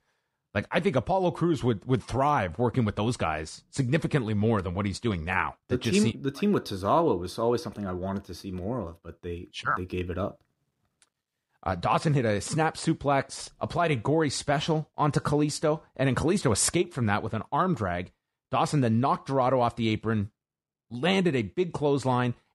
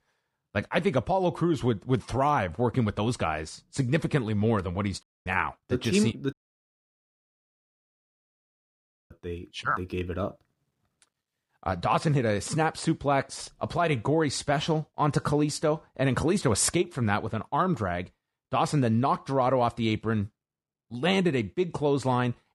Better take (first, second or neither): first